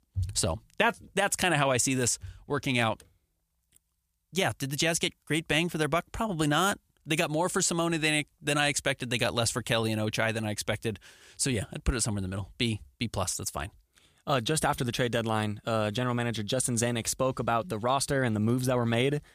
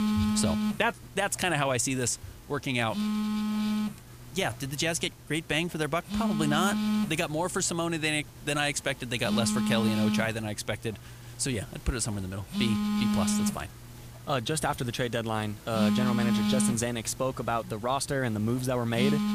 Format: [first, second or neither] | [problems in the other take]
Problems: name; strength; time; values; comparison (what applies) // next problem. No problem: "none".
first | alarms or sirens; very loud; throughout; 1 dB above the speech